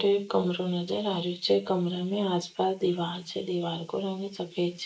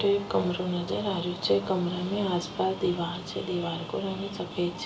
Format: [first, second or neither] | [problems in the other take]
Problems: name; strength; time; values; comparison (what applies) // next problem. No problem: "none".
second | noise reduction (neural mask model Resemble Enhance denoiser)